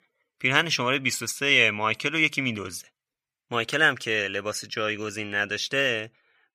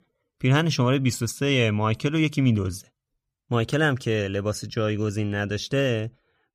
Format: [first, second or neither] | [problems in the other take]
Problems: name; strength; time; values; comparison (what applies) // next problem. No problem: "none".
second | thin; somewhat; fading below 800 Hz